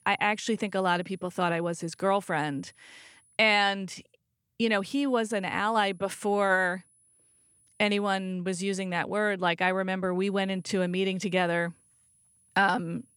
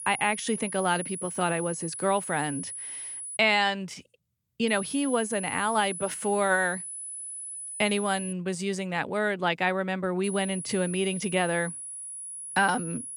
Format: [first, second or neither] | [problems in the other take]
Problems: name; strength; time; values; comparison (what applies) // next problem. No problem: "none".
first | high-pitched whine; loud; until 3.5 s, from 4.5 to 8.5 s and from 10 s on; 10 kHz, 8 dB below the speech; faint in the first